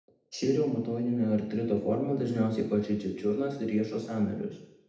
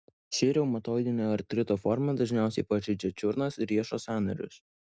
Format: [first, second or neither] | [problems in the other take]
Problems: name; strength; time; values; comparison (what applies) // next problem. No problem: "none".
second | room echo; dies away in 0.8 s